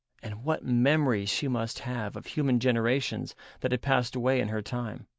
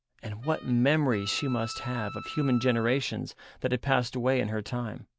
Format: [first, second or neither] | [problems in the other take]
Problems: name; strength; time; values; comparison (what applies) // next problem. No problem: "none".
first | background sound (Wind instrument, woodwind instrument); 16 dB below the speech